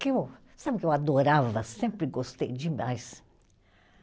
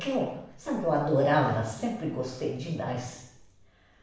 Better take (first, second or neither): first